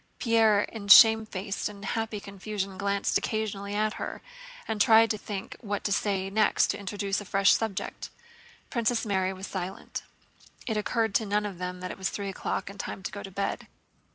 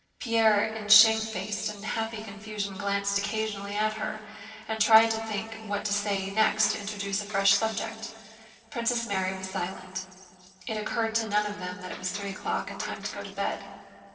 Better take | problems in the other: first | noise reduction (neural separator model SepFormer DNS4)

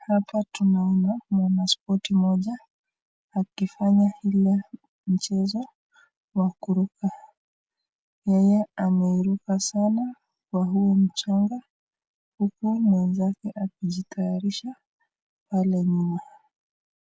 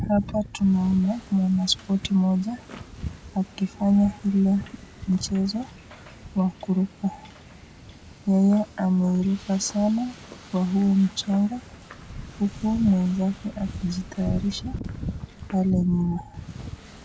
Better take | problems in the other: first | background sound (Wind / Ocean); 13 dB below the speech

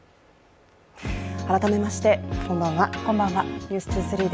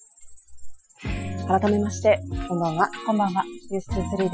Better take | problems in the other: first | noise reduction (classical method Wiener filter)

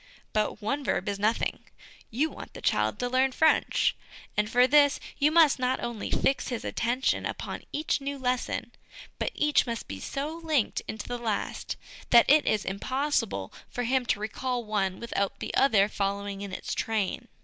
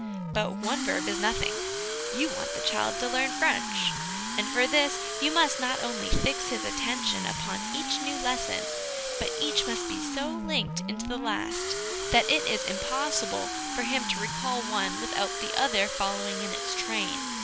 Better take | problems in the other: first | background sound (Siren + Fill (with liquid) / Water tap, faucet); 2 dB below the speech

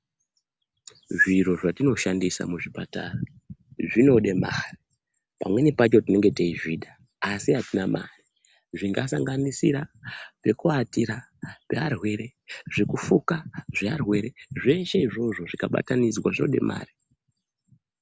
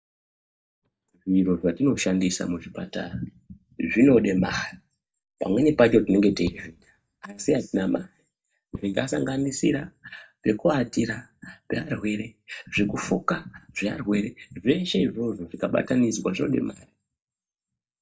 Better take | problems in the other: first | noise reduction (neural mask model DeepFilterNet 3)

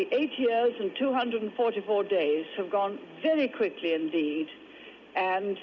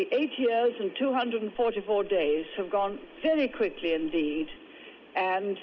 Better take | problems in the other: first | noise reduction (neural mask model Resemble Enhance denoiser)

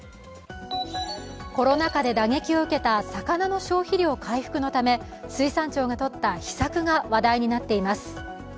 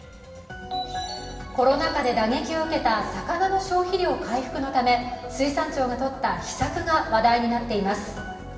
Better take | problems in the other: first | room echo; dies away in 1.4 s

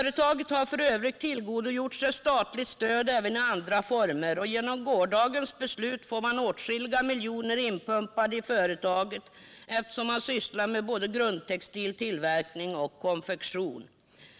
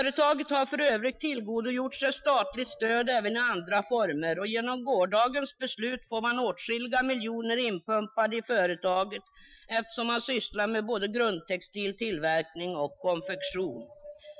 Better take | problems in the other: first | noise reduction (classical method Wiener filter)

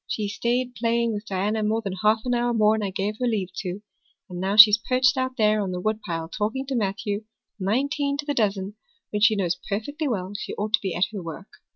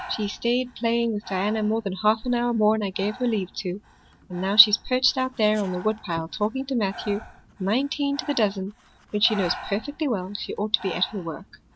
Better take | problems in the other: first | background sound (Breathing); 17 dB below the speech

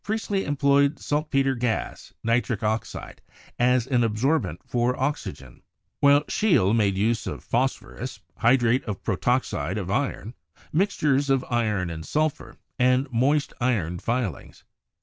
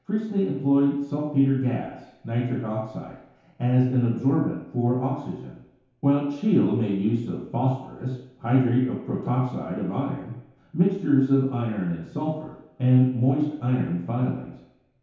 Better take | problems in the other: first | room echo; dies away in 0.8 s

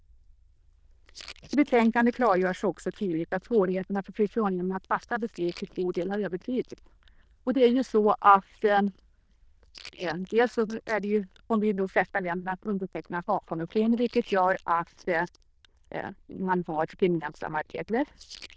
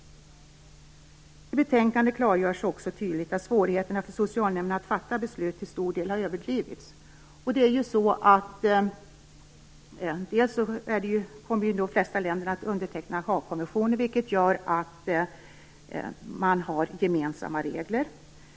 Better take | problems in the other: second | noise reduction (neural diffusion model UNIVERSE++)

